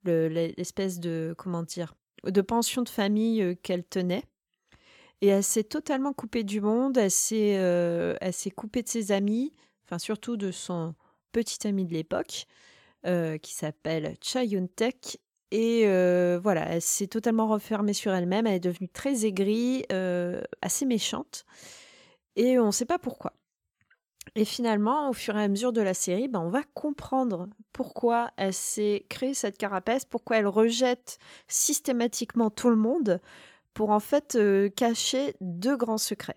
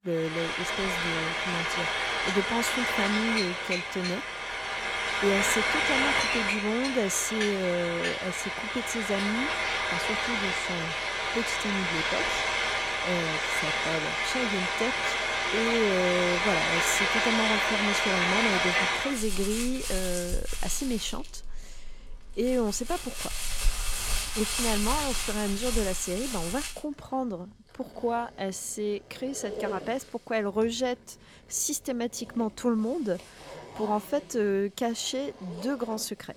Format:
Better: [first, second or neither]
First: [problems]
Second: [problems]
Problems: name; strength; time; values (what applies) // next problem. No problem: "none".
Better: first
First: none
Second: household noises; very loud; throughout; 3 dB above the speech